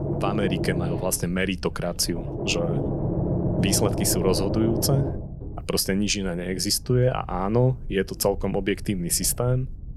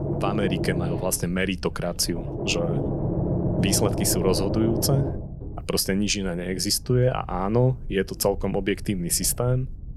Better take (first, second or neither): neither